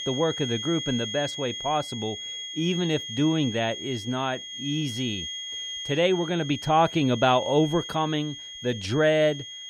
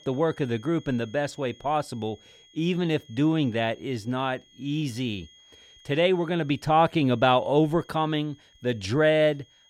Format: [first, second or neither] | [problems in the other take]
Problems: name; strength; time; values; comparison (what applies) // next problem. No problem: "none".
second | high-pitched whine; loud; throughout; 3.5 kHz, 8 dB below the speech; faint in the second